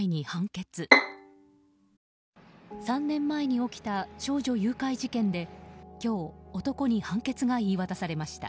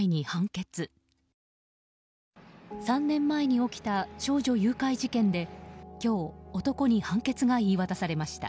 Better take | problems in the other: second | background sound (Bowed string instrument); 5 dB above the speech

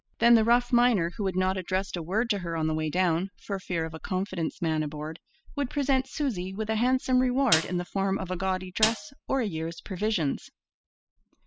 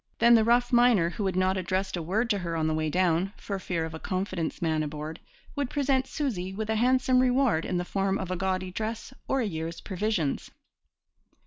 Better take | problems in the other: second | noise reduction (classical method spectral subtraction)

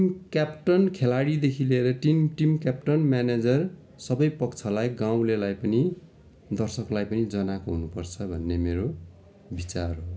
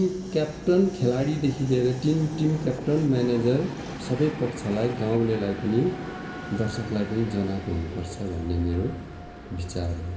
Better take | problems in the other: first | background sound (Train); 12 dB below the speech // room echo; dies away in 1.7 s

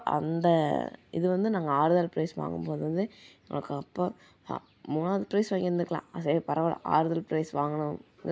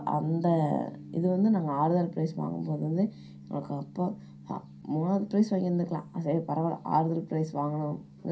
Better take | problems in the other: first | background sound (Gong); 18 dB below the speech // room echo; dies away in 0.3 s

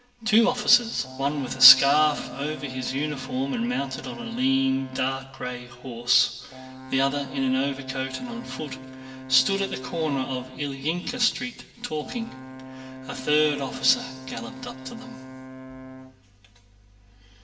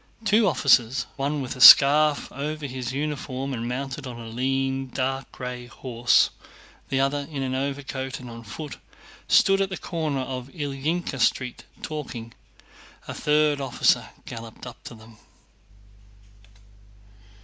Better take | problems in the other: second | background sound (Brass instrument); 13 dB below the speech // room echo; dies away in 1.5 s

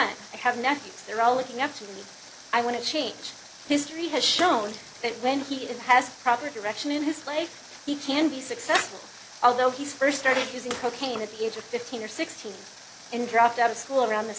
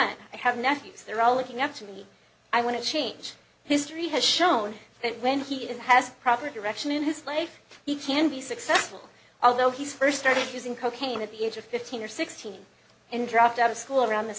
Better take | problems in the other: second | background sound (Bathtub (filling or washing) / Water / Splash, splatter + Water); 18 dB below the speech

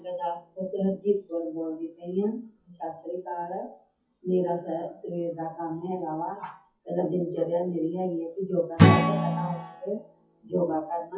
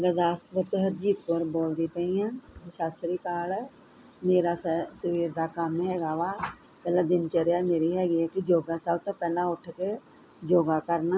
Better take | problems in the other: second | noise reduction (classical method WPE with log-MMSE)

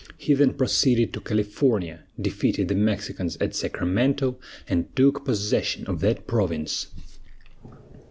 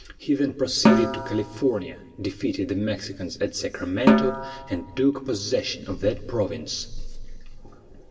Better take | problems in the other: first | background sound (Snare drum); as loud as the speech // room echo; dies away in 2.9 s

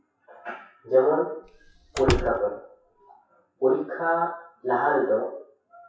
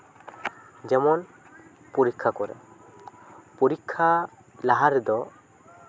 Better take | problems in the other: second | noise reduction (classical method WPE with log-MMSE)

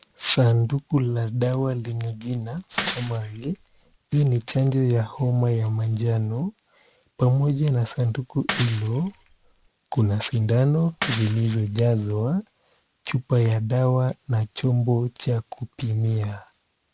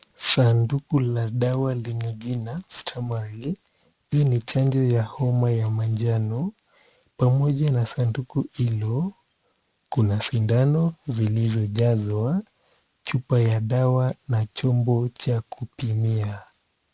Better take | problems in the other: second | background sound (Shatter / Crushing); 11 dB below the speech

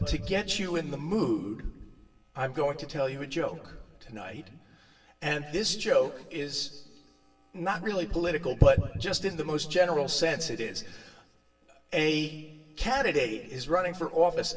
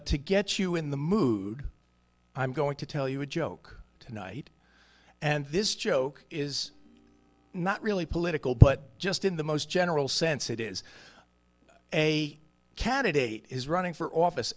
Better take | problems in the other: second | room echo; dies away in 1.3 s

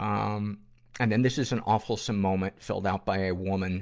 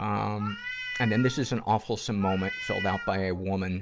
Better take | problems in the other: first | background sound (Meow); 9 dB below the speech

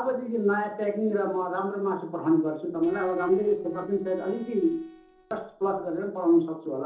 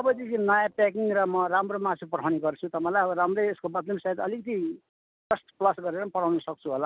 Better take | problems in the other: second | noise reduction (neural separator model SepFormer DNS4)

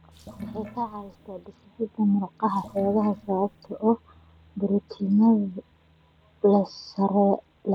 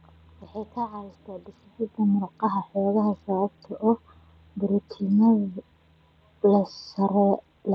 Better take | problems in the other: second | background sound (Sink (filling or washing) / Water); 16 dB below the speech

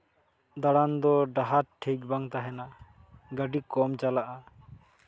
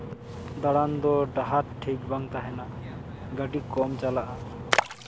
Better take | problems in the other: first | background sound (Splash, splatter); 5 dB below the speech

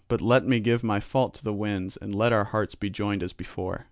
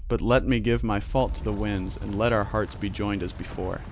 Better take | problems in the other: first | background sound (Wind); 7 dB below the speech

